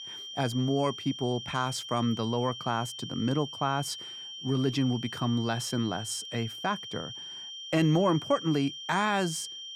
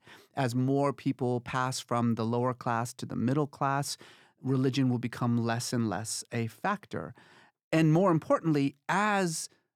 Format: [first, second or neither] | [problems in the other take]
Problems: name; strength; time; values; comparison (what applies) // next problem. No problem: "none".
second | high-pitched whine; loud; throughout; 3 kHz, 9 dB below the speech